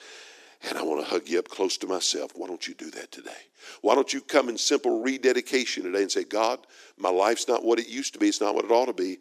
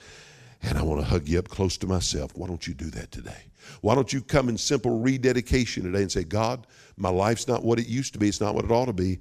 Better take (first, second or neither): second